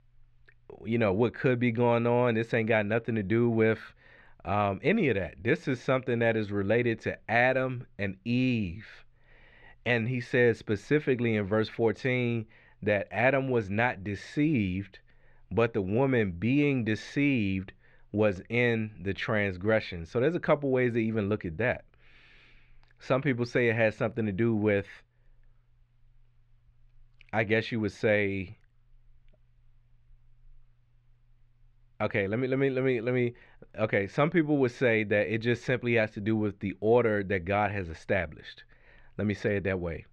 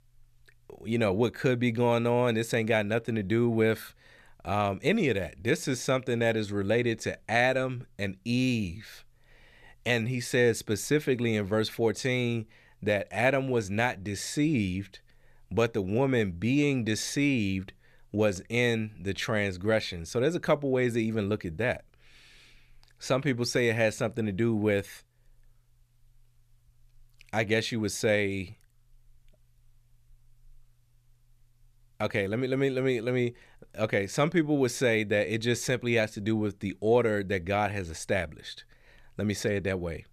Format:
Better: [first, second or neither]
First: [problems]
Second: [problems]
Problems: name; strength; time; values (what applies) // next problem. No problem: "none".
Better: second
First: muffled; slightly; fading above 2.5 kHz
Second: none